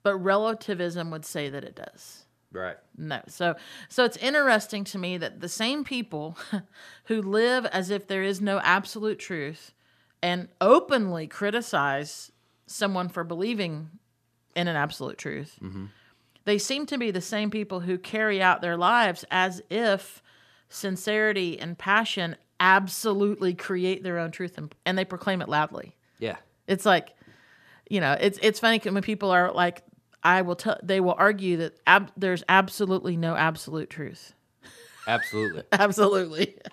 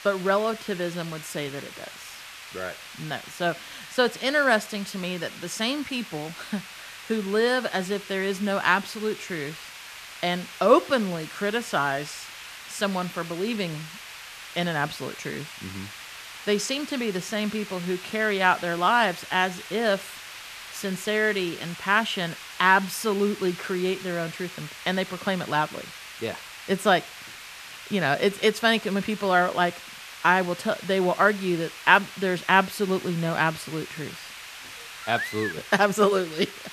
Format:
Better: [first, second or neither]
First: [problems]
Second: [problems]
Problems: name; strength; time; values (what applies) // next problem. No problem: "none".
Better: first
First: none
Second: hiss; noticeable; throughout; 15 dB below the speech